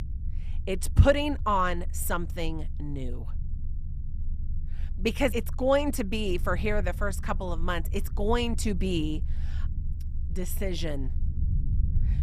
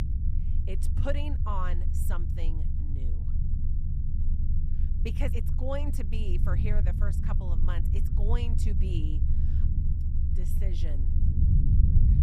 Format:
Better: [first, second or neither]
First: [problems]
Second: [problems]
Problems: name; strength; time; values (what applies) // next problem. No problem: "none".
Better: first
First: low rumble; faint; throughout; 25 dB below the speech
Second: low rumble; loud; throughout; 5 dB below the speech